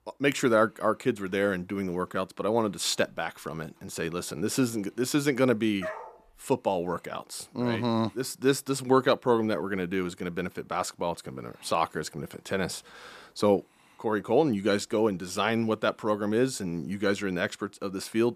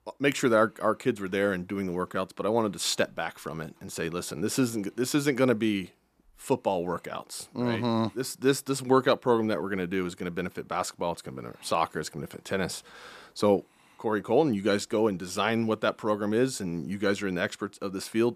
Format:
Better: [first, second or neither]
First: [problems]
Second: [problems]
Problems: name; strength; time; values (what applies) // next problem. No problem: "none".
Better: second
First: dog barking; noticeable; at 6 s; peak 9 dB below the speech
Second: none